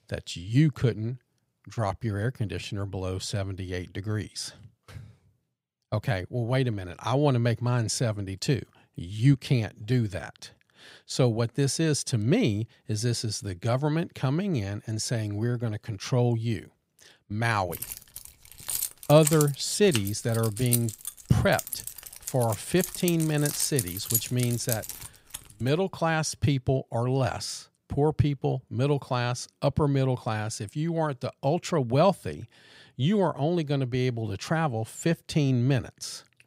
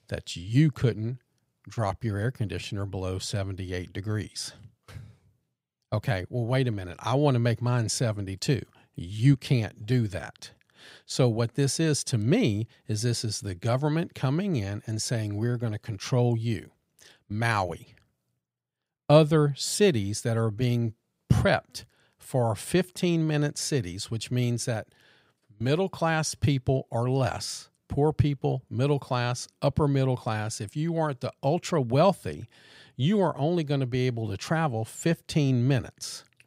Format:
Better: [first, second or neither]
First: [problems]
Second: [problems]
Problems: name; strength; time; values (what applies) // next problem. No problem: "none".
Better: second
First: jangling keys; noticeable; from 18 to 25 s; peak level with the speech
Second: none